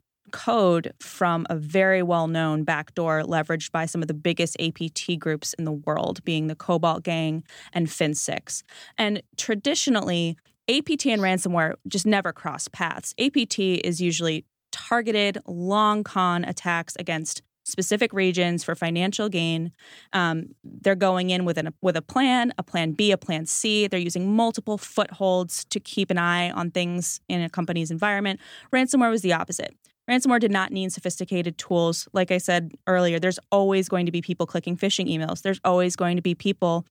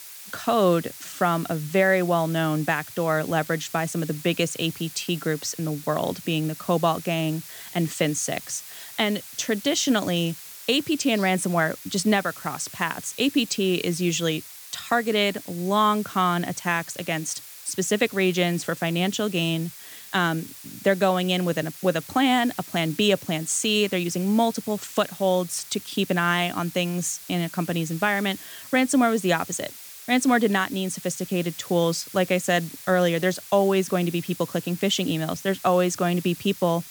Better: first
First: none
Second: hiss; noticeable; throughout; 15 dB below the speech

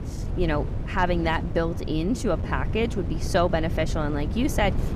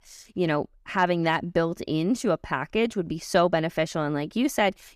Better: second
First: wind noise on the microphone; occasional gusts; 15 dB below the speech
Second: none

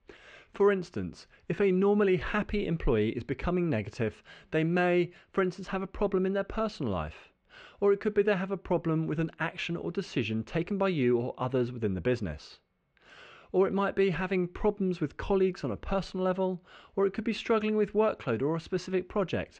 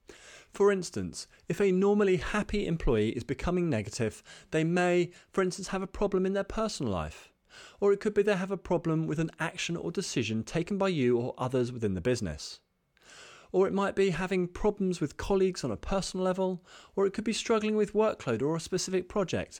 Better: second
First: muffled; slightly; fading above 2.5 kHz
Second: none

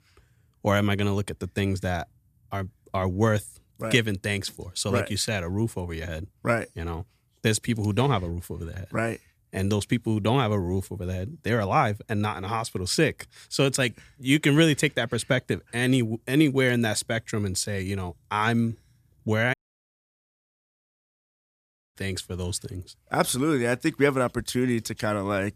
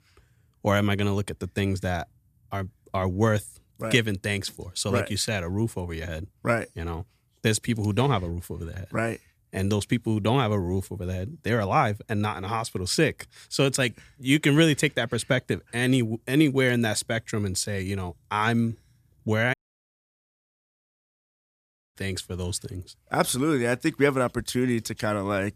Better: neither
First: audio cutting out; at 20 s for 2.5 s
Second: audio cutting out; at 20 s for 2.5 s

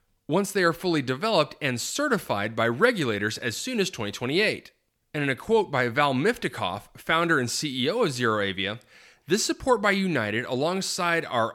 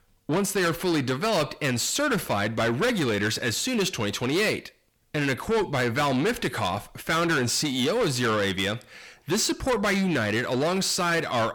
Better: first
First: none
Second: distortion; heavy; 7 dB below the speech

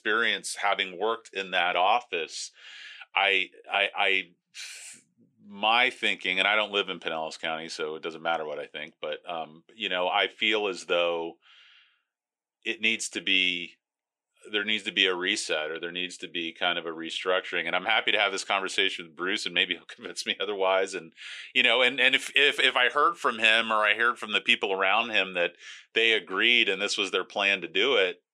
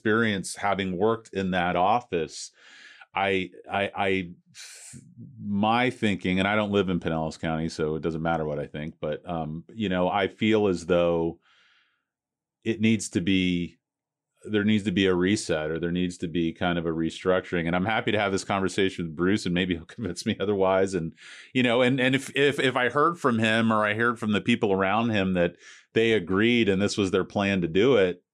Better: second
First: thin; very; fading below 550 Hz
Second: none

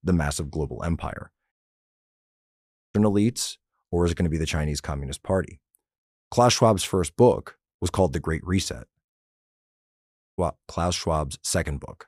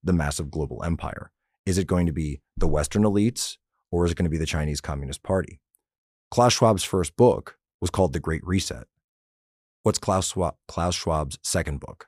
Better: second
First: audio cutting out; at 1.5 s for 1.5 s and at 9.5 s for 0.5 s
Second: none

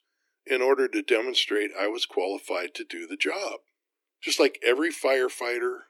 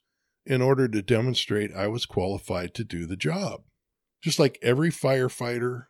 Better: second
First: thin; somewhat; fading below 300 Hz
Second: none

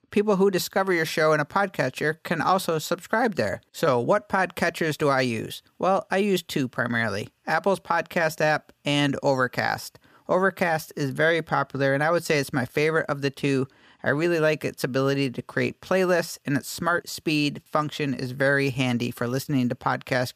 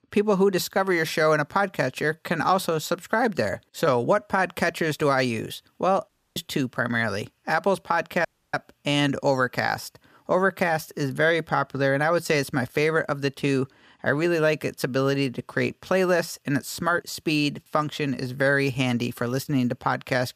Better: first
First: none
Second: audio cutting out; at 6 s and at 8.5 s

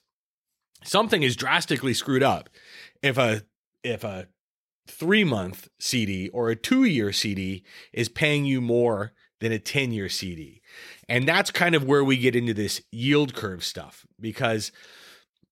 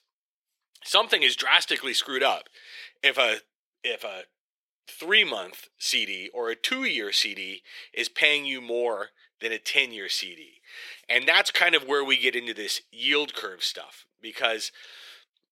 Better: first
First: none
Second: thin; very; fading below 450 Hz

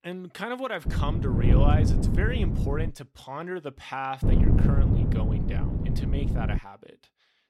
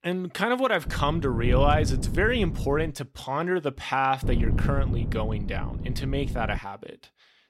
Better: second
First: wind noise on the microphone; heavy; from 1 to 3 s and from 4 to 6.5 s; 2 dB below the speech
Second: wind noise on the microphone; occasional gusts; from 1 to 3 s and from 4 to 6.5 s; 15 dB below the speech

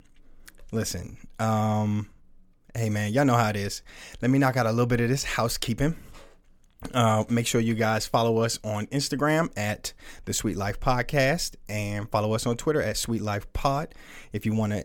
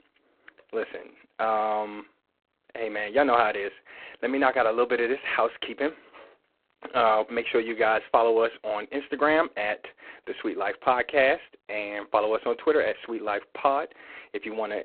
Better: first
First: none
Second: phone-call audio; poor line; nothing above 4 kHz

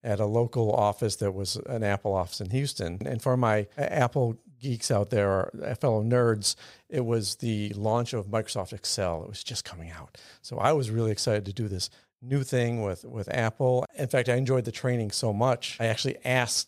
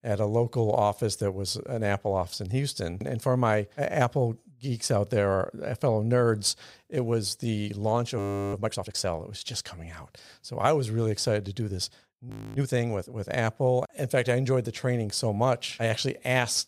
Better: first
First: none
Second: audio freezing; at 8 s and at 12 s

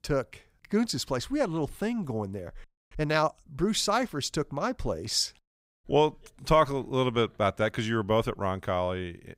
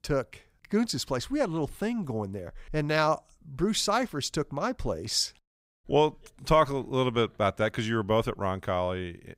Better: second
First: audio freezing; at 2.5 s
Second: none

